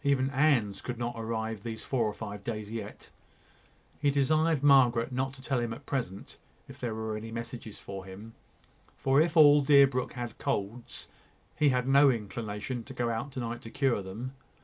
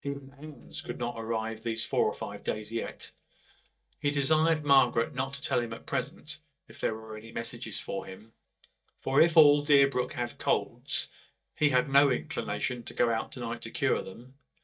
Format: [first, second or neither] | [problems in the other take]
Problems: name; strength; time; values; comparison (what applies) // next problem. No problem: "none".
first | noise reduction (neural mask model DeepFilterNet 3)